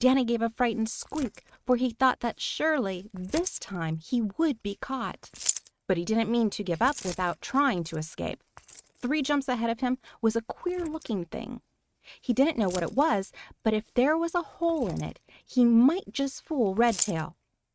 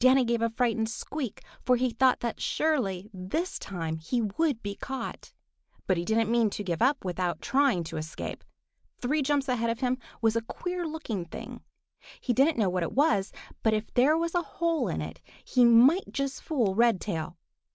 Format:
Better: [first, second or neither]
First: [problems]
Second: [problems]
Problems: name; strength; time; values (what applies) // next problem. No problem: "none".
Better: second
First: noise reduction (neural mask model RNNoise)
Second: none